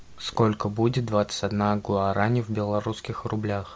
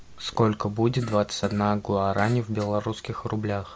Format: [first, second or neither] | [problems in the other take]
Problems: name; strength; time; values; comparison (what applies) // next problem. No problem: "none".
first | background sound (Fart); 17 dB below the speech